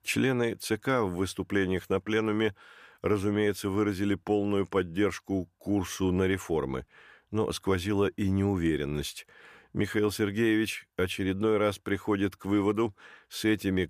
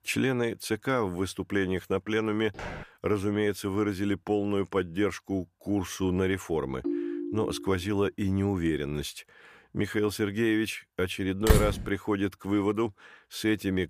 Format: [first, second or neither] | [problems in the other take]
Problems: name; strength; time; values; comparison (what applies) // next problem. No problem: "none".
first | footsteps; faint; at 2.5 s; peak 10 dB below the speech // phone ringing; noticeable; at 7 s; peak 2 dB below the speech // door banging; loud; at 11 s; peak 4 dB above the speech